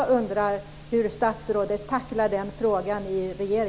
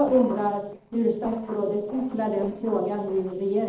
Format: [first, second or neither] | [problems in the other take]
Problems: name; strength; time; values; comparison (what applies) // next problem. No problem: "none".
first | noise reduction (neural separator model SepFormer DNS4)